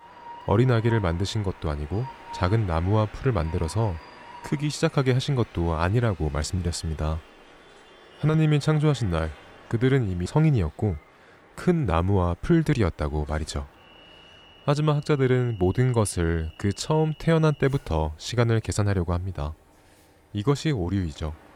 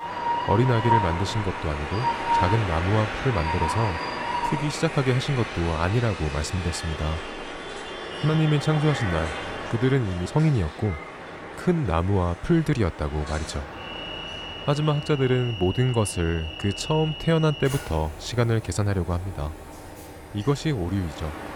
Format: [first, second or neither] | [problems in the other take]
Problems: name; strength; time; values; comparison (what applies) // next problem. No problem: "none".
first | train or aircraft noise; loud; throughout; 6 dB below the speech; faint in the first